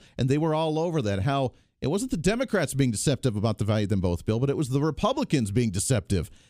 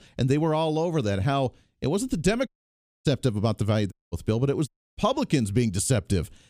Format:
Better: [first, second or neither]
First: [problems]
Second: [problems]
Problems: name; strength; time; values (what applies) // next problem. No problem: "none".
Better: first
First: none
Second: audio cutting out; at 2.5 s for 0.5 s, at 4 s and at 4.5 s